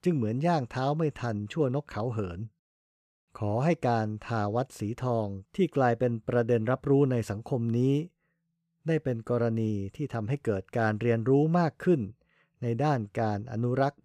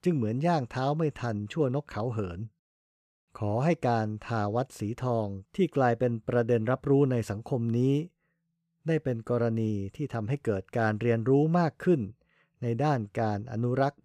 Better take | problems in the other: neither | none

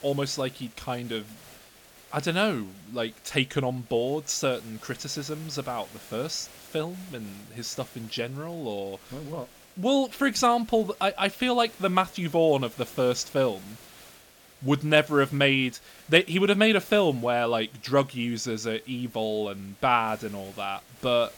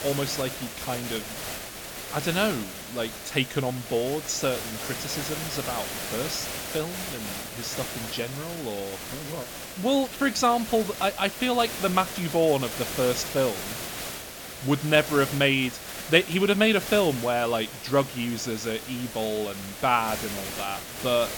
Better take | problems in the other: first | hiss; loud; throughout; 8 dB below the speech; faint in the first

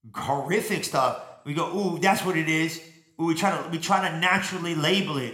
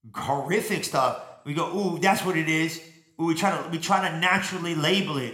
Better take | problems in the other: neither | room echo; very slight; dies away in 0.7 s; the same in both

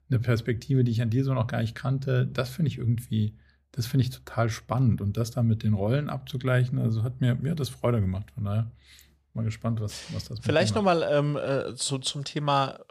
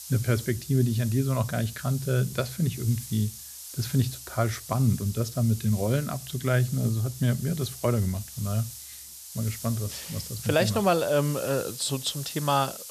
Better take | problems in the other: first | hiss; noticeable; throughout; 10 dB below the speech

